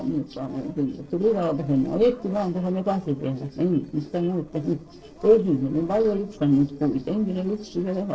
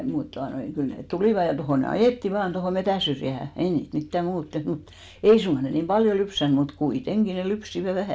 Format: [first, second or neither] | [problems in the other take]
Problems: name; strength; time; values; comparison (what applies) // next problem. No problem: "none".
second | noise reduction (neural separator model SepFormer DNS4)